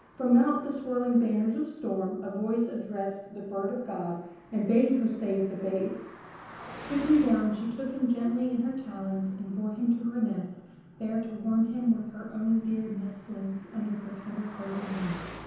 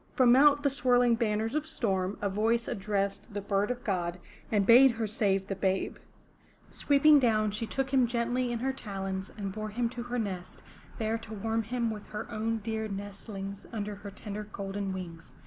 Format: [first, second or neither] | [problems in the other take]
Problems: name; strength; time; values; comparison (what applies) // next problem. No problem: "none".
second | background sound (Car passing by); 20 dB below the speech // room echo; dies away in 0.9 s